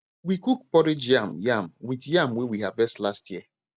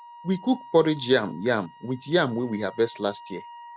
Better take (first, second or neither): first